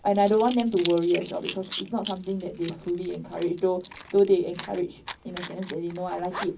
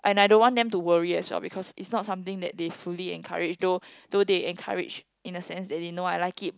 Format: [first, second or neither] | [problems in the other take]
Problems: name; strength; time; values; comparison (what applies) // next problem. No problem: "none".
second | background sound (Coin (dropping) / Zipper (clothing)); 15 dB below the speech // room echo; dies away in 0.4 s